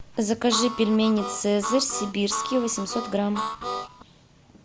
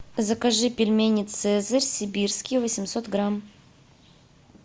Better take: second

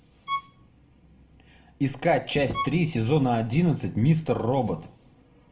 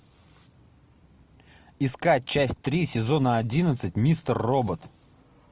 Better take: second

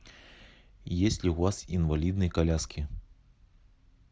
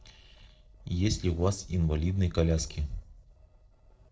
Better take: first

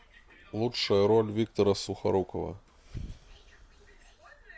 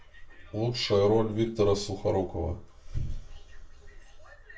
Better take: first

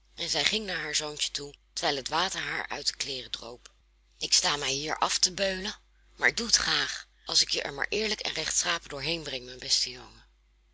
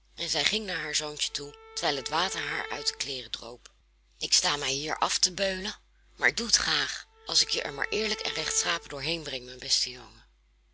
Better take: first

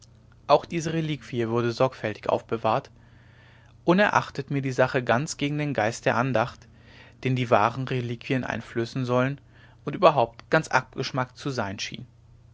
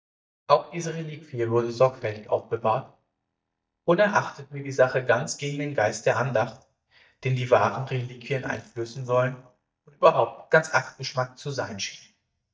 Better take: first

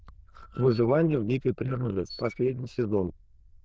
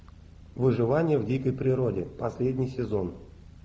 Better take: second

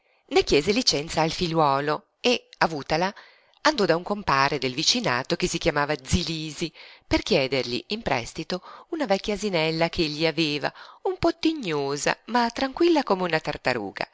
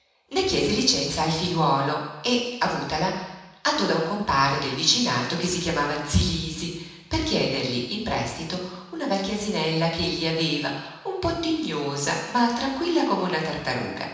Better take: first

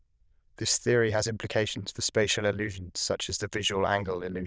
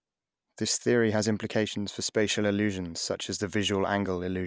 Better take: second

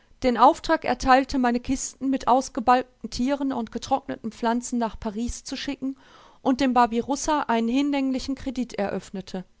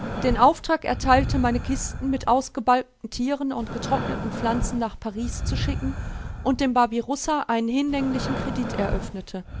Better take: first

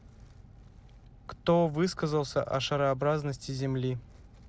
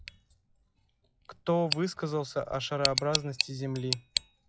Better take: first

